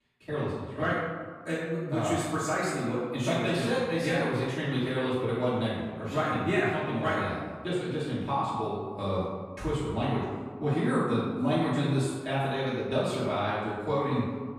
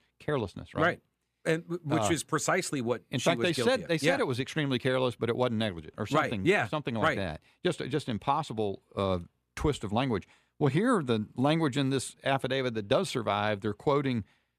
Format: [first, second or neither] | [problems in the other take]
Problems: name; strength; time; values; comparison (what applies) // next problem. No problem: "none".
second | off-mic speech; far // room echo; strong; dies away in 1.4 s